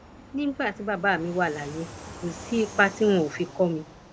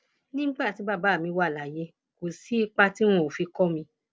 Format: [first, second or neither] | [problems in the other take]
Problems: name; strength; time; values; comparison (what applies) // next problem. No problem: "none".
second | background sound (Fixed-wing aircraft, airplane); 16 dB below the speech